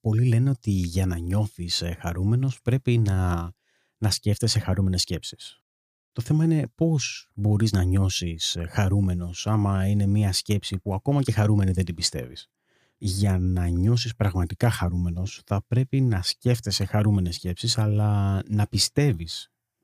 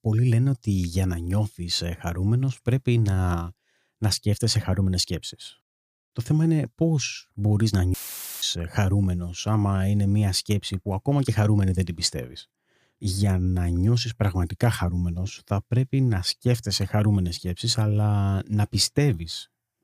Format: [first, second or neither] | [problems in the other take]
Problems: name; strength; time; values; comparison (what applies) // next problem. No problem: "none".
first | audio cutting out; filled with static; at 8 s